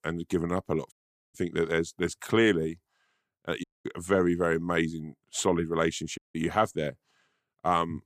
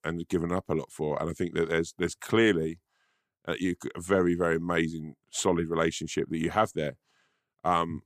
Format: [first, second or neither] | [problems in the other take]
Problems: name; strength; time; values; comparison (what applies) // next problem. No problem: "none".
second | audio cutting out; at 1 s, at 3.5 s and at 6 s